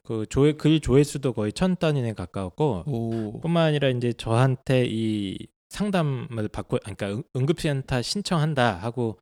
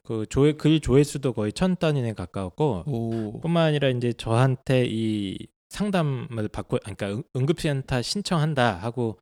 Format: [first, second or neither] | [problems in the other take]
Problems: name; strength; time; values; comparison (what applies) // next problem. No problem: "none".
neither | none